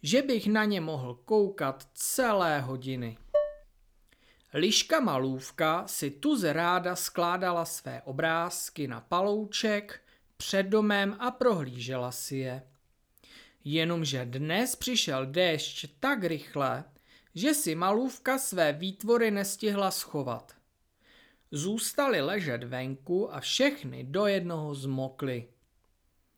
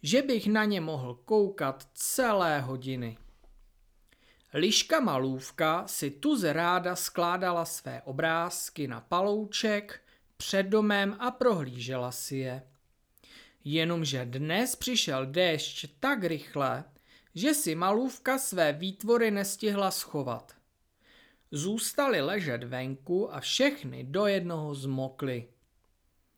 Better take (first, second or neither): second